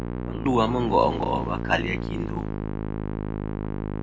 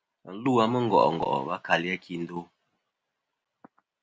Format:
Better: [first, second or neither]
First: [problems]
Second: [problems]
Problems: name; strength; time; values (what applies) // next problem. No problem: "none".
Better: second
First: background sound (Musical instrument); 2 dB below the speech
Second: none